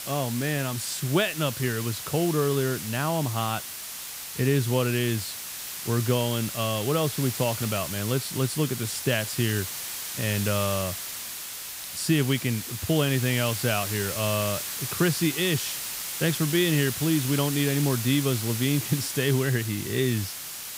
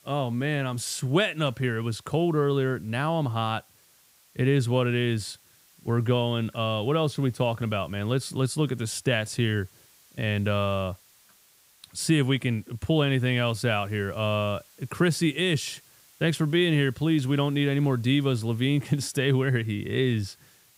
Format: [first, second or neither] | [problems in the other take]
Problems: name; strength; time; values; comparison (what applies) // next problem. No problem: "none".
second | hiss; loud; throughout; 5 dB below the speech; faint in the second